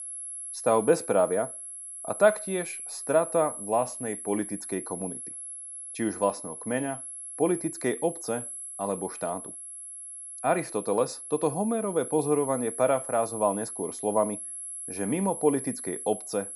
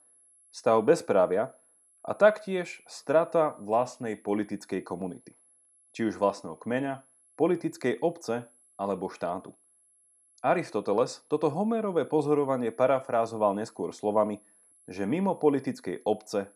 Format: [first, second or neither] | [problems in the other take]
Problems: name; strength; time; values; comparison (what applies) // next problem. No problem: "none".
second | high-pitched whine; loud; throughout; 11 kHz, 8 dB below the speech; faint in the second